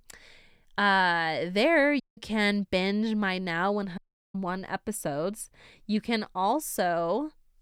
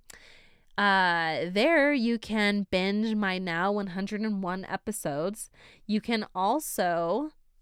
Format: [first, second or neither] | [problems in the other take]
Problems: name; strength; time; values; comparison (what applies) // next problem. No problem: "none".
second | audio cutting out; at 2 s and at 4 s